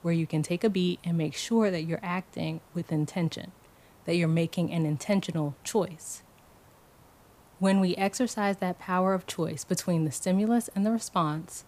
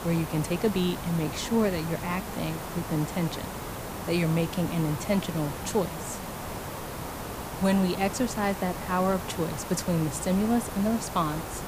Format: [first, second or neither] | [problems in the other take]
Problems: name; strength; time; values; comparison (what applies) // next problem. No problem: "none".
first | hiss; loud; throughout; 7 dB below the speech; faint in the first